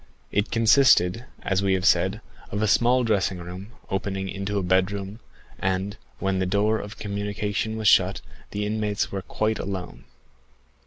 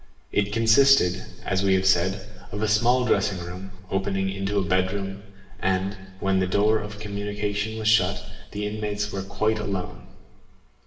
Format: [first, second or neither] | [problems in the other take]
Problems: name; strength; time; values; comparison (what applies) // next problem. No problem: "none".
first | room echo; dies away in 1.1 s